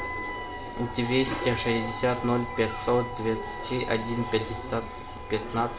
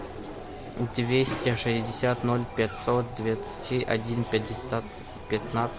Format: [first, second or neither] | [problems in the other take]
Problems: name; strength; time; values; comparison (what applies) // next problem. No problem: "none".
second | background sound (Wind instrument, woodwind instrument); 11 dB below the speech // room echo; dies away in 0.7 s